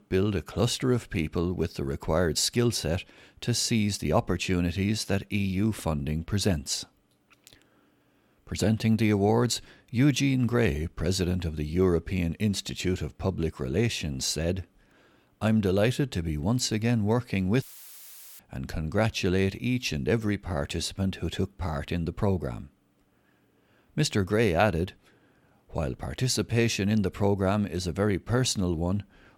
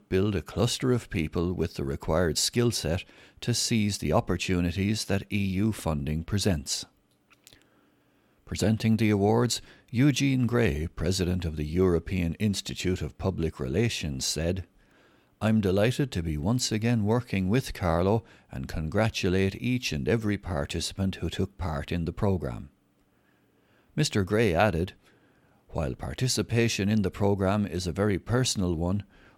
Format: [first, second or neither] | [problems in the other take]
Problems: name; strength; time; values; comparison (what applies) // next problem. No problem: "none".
second | audio cutting out; filled with static; at 18 s for 1 s